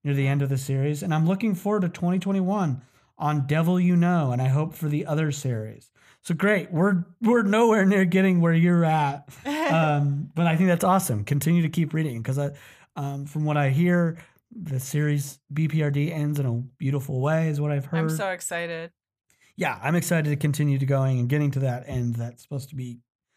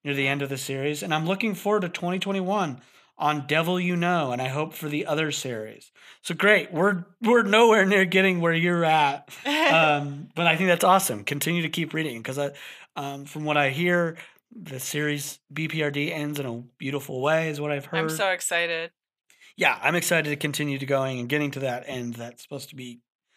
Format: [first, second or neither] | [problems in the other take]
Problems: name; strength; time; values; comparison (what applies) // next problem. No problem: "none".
first | thin; somewhat; fading below 300 Hz